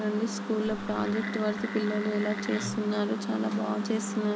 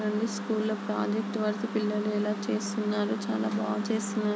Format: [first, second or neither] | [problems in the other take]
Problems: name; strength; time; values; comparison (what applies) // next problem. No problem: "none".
second | background sound (Wood); 12 dB below the speech